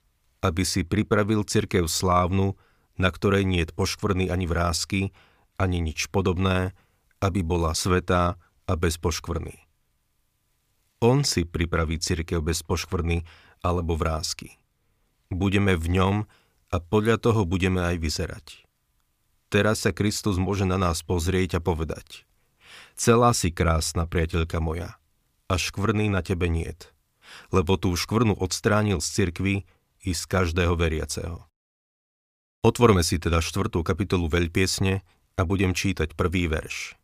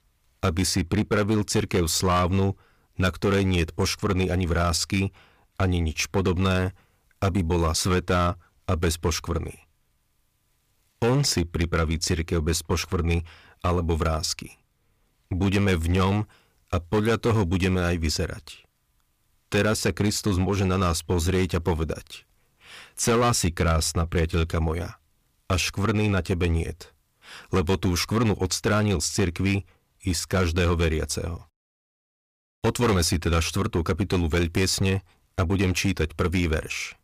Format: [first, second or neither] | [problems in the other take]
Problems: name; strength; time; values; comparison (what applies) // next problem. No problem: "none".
first | distortion; slight; 7% of the sound clipped